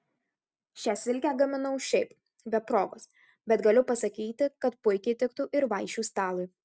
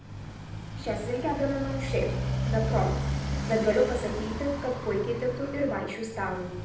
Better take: first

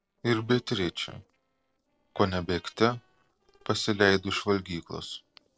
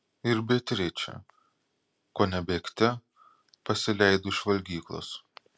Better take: second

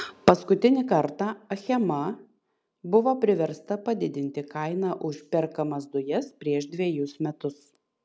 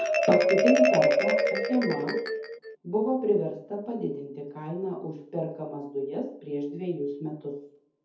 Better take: first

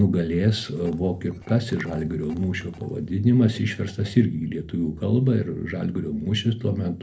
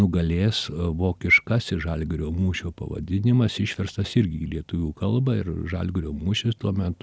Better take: second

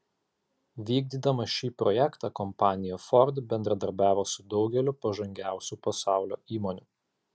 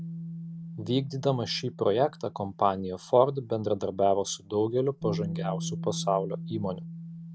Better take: first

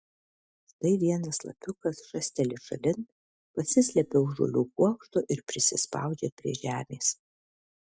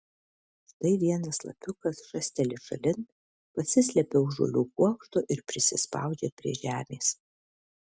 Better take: second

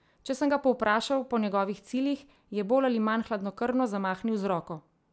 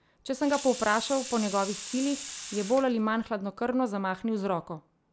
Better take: first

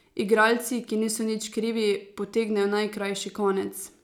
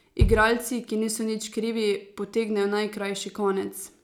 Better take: first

